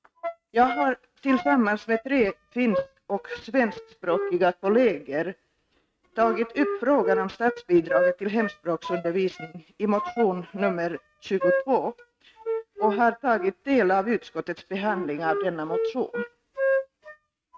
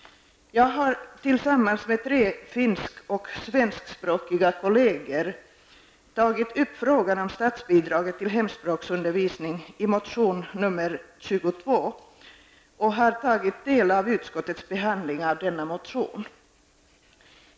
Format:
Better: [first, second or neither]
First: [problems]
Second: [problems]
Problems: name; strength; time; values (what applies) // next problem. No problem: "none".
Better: second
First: noise reduction (neural mask model RNNoise)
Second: none